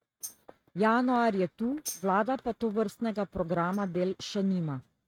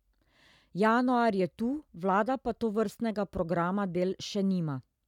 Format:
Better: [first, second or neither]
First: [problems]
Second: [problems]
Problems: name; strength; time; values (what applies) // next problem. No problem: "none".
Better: second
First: noise reduction (neural mask model RNNoise)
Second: none